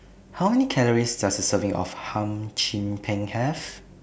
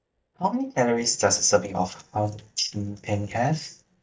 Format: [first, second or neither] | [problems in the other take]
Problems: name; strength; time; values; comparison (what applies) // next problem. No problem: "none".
first | noise reduction (neural mask model DeepFilterNet 3)